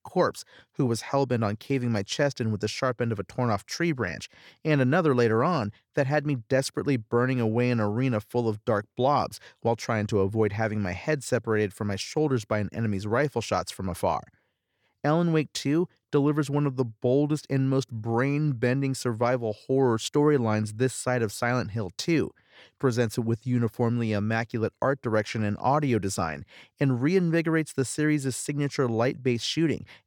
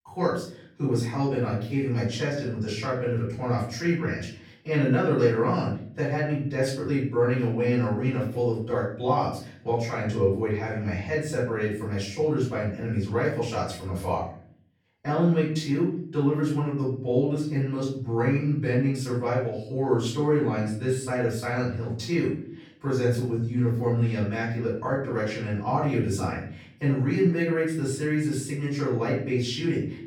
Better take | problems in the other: first | off-mic speech; far // room echo; noticeable; dies away in 0.5 s

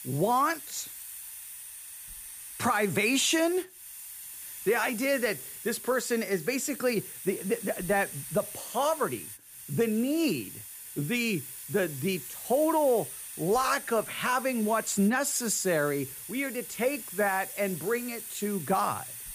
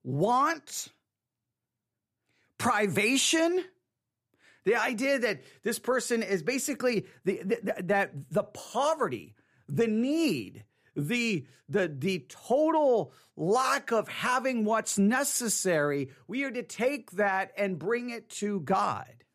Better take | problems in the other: second | hiss; noticeable; throughout; 10 dB below the speech

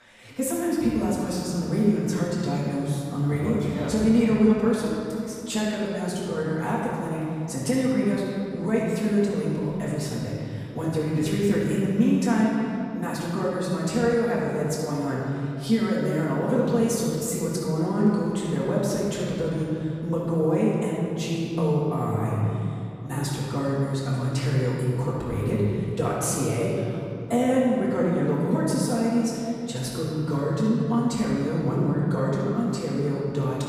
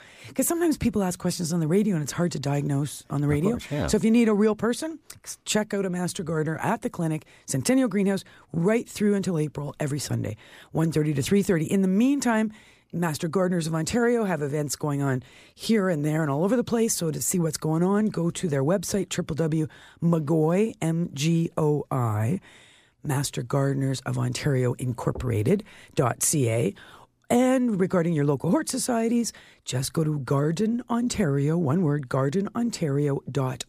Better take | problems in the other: second | off-mic speech; far // room echo; strong; dies away in 2.5 s

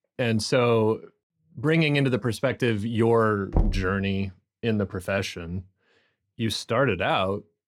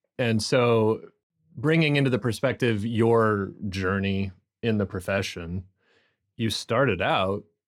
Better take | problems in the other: second | door banging; noticeable; at 3.5 s; peak 2 dB below the speech

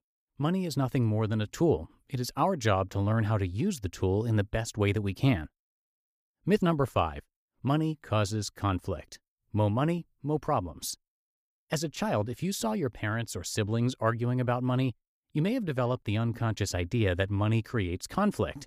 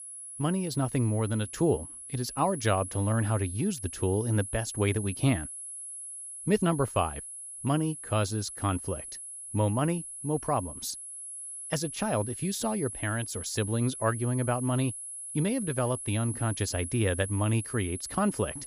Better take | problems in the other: first | high-pitched whine; loud; throughout; 10.5 kHz, 8 dB below the speech

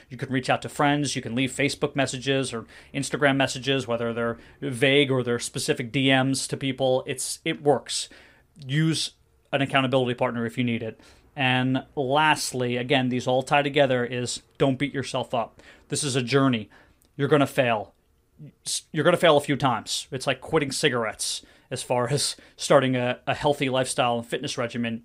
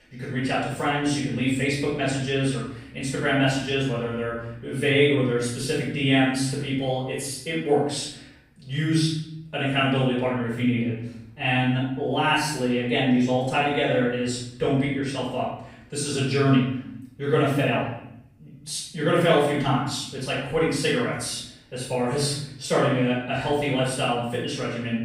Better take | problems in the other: first | off-mic speech; far // room echo; noticeable; dies away in 0.8 s

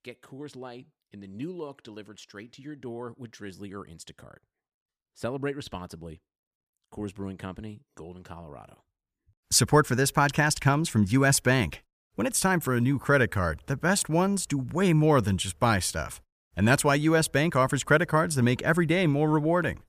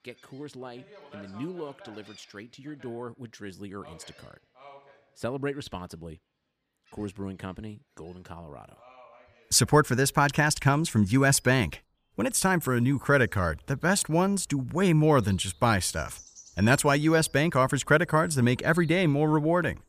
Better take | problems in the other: first | animal sounds; faint; throughout; 30 dB below the speech

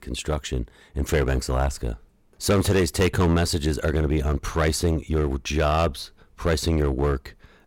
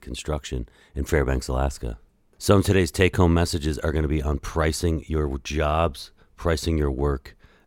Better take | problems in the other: second | distortion; heavy; 8% of the sound clipped

